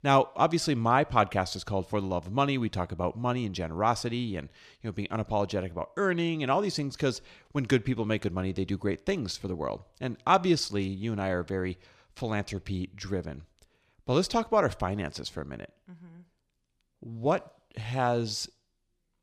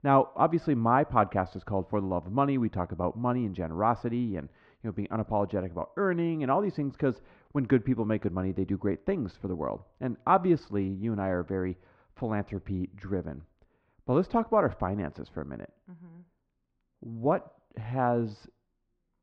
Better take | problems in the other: first | muffled; very; fading above 1.5 kHz

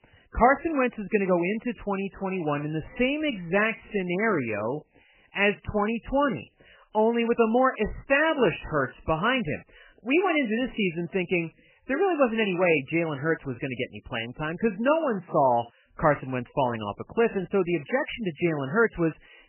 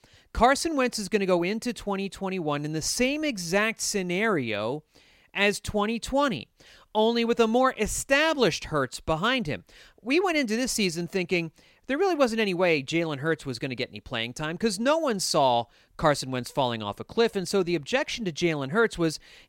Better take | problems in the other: second | garbled, watery; badly; nothing above 3 kHz

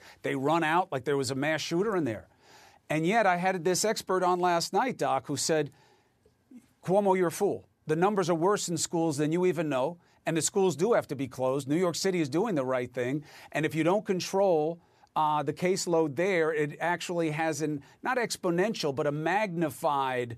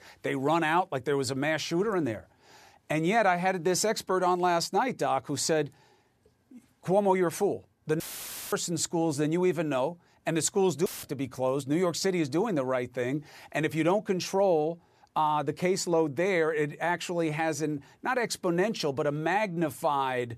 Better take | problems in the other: first | audio cutting out; filled with static; at 8 s for 0.5 s and at 11 s

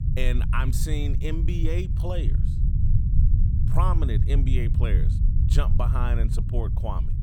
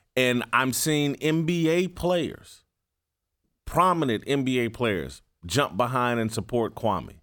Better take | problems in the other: second | low rumble; loud; throughout; 6 dB below the speech

